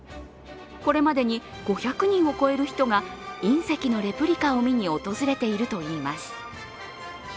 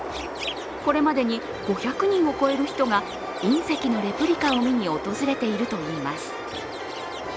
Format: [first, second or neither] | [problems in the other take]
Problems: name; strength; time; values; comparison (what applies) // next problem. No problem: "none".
first | background sound (Chirp, tweet); 8 dB below the speech